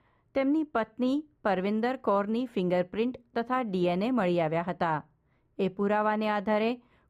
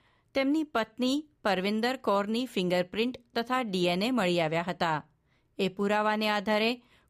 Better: second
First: muffled; slightly; fading above 2.5 kHz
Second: none

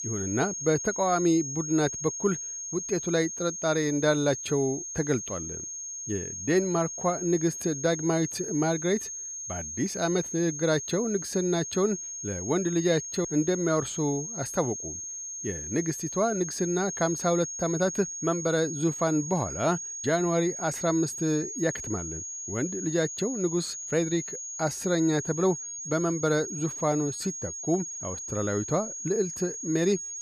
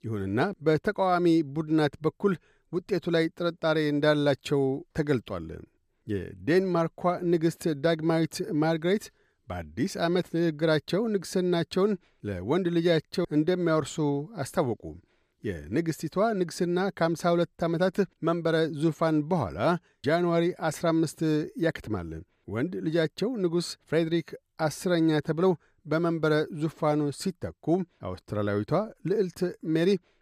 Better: second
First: high-pitched whine; loud; throughout; 6.5 kHz, 6 dB below the speech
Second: none

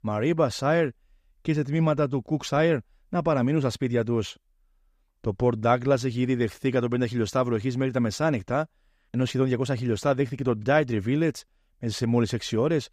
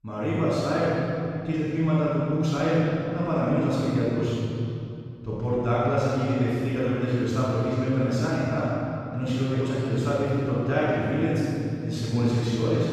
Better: first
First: none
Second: off-mic speech; far // room echo; strong; dies away in 2.8 s

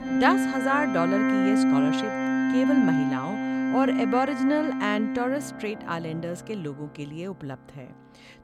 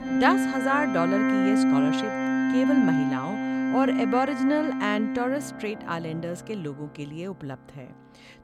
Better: neither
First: background music; very loud; throughout; 3 dB above the speech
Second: background music; very loud; throughout; 3 dB above the speech

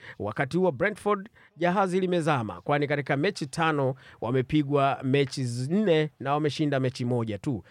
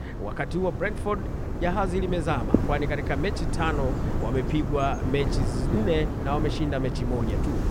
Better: first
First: none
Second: wind noise on the microphone; heavy; 6 dB below the speech

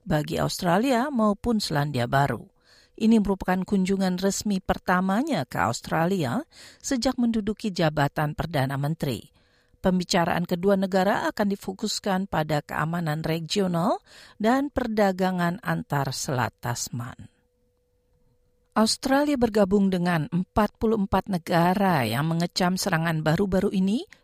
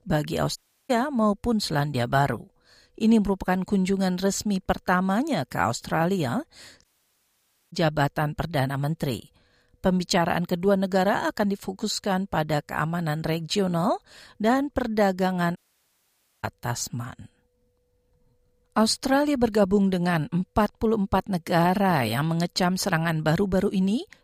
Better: first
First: none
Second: audio cutting out; at 0.5 s, at 7 s for 1 s and at 16 s for 1 s

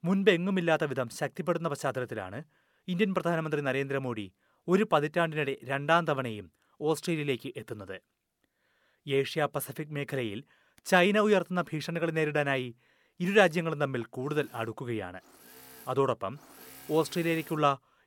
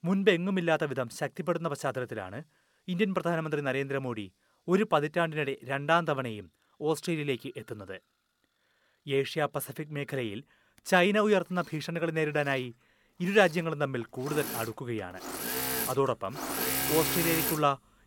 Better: first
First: machinery noise; faint; throughout; 20 dB below the speech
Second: machinery noise; loud; throughout; 2 dB below the speech

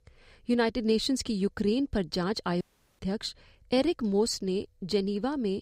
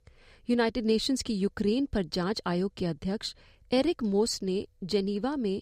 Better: second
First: audio cutting out; at 2.5 s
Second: none

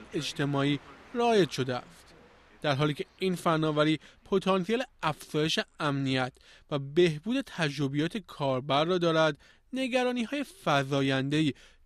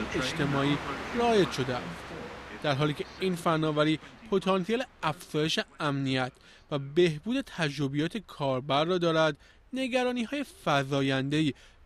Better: first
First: train or aircraft noise; faint; throughout; 25 dB below the speech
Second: train or aircraft noise; loud; throughout; 9 dB below the speech

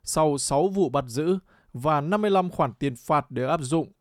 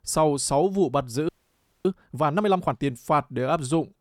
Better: first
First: none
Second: audio freezing; at 1.5 s for 0.5 s

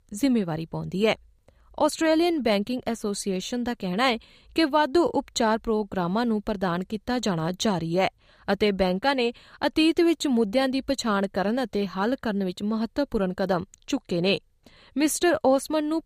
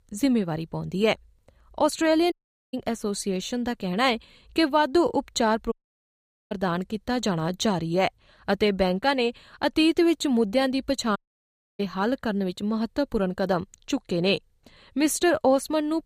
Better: first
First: none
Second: audio cutting out; at 2.5 s, at 5.5 s for 1 s and at 11 s for 0.5 s

